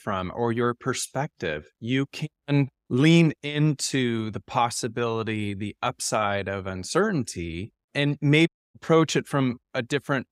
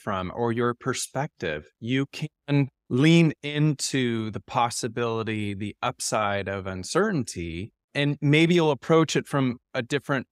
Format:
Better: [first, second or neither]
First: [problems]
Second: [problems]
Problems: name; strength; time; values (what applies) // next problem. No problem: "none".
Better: second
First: audio cutting out; at 8.5 s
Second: none